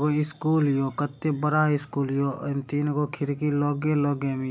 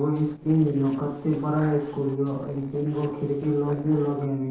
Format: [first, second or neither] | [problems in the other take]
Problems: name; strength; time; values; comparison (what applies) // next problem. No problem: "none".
first | noise reduction (neural separator model SepFormer DNS4)